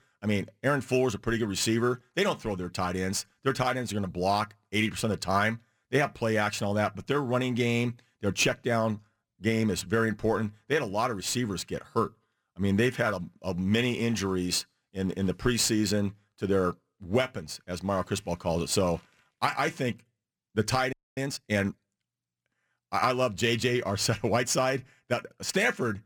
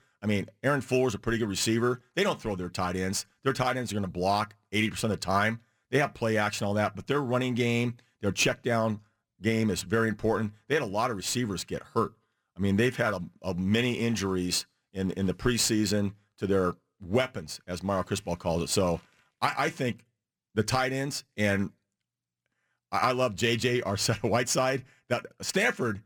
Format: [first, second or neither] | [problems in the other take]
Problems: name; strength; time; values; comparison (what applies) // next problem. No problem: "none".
second | audio freezing; at 21 s